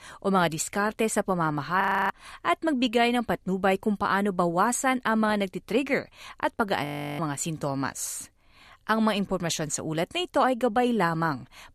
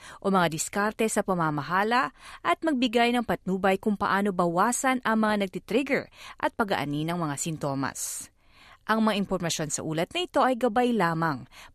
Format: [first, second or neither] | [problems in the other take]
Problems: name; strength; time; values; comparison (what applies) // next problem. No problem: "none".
second | audio freezing; at 2 s and at 7 s